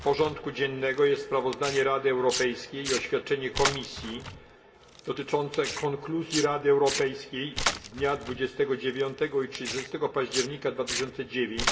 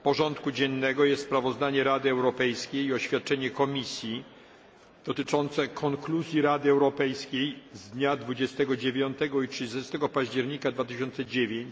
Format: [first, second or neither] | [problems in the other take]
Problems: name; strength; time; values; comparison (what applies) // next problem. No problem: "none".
second | background sound (Tearing); 8 dB below the speech // room echo; dies away in 0.2 s